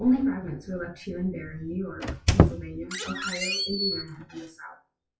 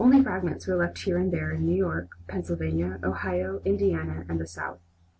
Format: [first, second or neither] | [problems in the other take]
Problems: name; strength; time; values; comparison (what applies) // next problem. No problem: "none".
second | noise reduction (classical method WPE with log-MMSE)